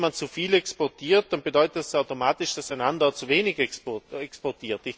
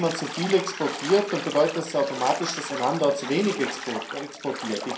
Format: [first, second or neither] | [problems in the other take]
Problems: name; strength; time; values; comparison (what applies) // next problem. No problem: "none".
first | background sound (Bathtub (filling or washing)); 9 dB below the speech // room echo; dies away in 0.5 s